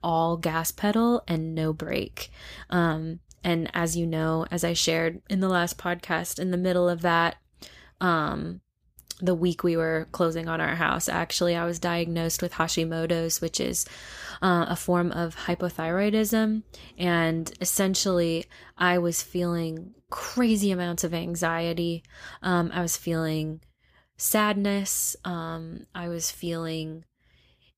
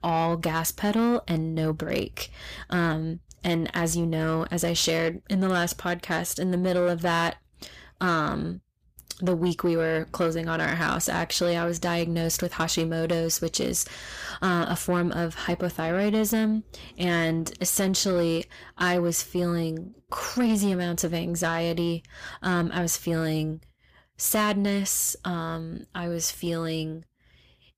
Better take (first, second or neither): first